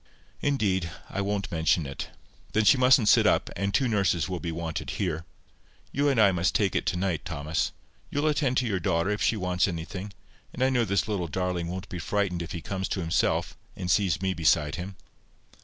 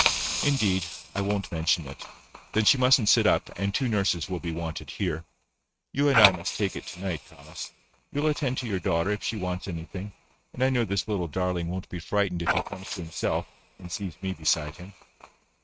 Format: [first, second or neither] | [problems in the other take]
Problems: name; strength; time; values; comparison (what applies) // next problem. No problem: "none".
first | noise reduction (neural mask model RNNoise)